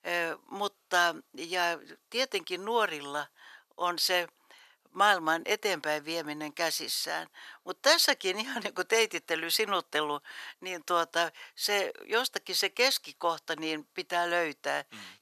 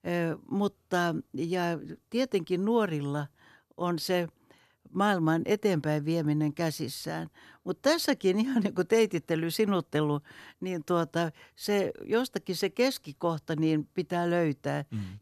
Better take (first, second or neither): second